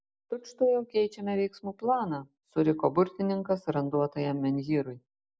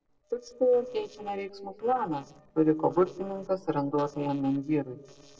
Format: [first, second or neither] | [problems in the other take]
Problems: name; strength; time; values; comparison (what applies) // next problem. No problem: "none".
first | noise reduction (neural separator model SepFormer DNS4)